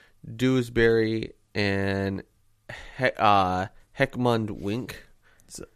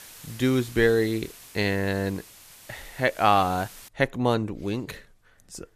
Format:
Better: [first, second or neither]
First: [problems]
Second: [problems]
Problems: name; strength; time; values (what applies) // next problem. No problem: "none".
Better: first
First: none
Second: hiss; noticeable; until 4 s; 20 dB below the speech